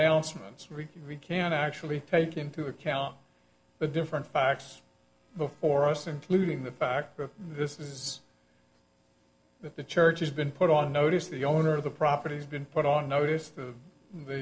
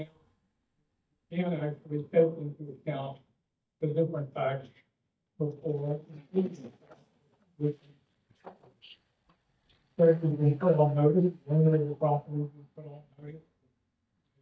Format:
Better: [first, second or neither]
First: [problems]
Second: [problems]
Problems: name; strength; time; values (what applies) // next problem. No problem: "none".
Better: first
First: none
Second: noise reduction (neural mask model DeepFilterNet 3)